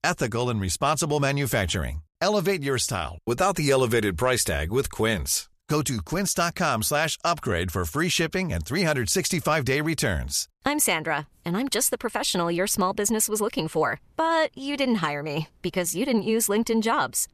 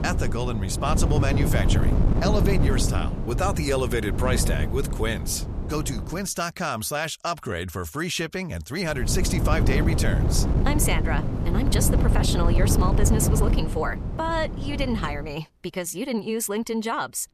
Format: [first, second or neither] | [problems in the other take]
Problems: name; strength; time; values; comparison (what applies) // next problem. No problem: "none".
first | wind noise on the microphone; heavy; until 6 s and from 9 to 15 s; 6 dB below the speech